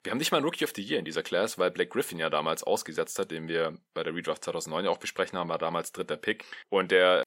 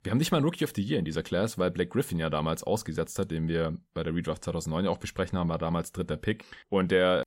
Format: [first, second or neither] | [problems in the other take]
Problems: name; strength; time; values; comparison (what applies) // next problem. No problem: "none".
second | thin; somewhat; fading below 350 Hz